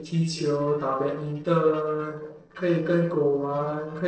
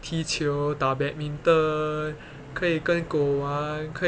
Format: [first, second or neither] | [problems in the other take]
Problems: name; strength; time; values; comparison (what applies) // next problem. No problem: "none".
second | noise reduction (neural separator model SepFormer DNS4)